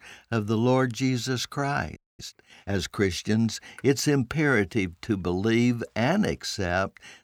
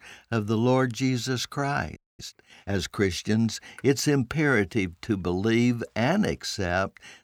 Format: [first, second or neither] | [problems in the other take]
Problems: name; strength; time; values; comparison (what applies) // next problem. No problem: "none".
neither | audio freezing; at 2 s; the same in both